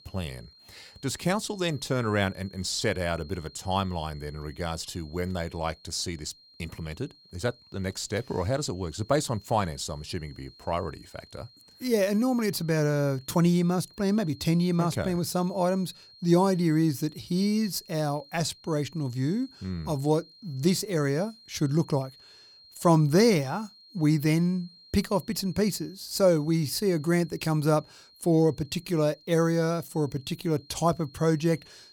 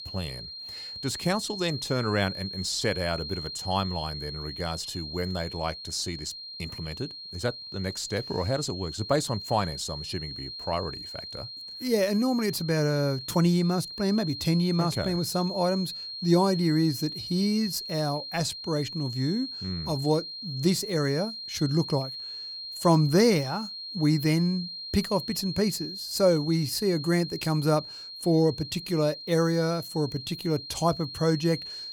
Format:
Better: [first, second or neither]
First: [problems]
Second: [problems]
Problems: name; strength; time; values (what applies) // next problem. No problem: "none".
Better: first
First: high-pitched whine; faint; throughout; 4 kHz, 25 dB below the speech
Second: high-pitched whine; loud; throughout; 4 kHz, 8 dB below the speech